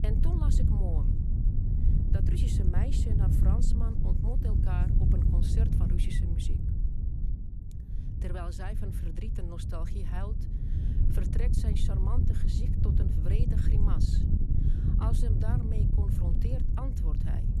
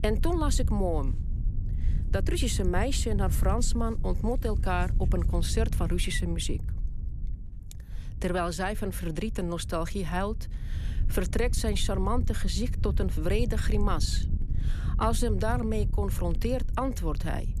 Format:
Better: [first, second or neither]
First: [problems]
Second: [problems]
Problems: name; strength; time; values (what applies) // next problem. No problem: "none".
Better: second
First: wind noise on the microphone; heavy; 1 dB above the speech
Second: wind noise on the microphone; occasional gusts; 15 dB below the speech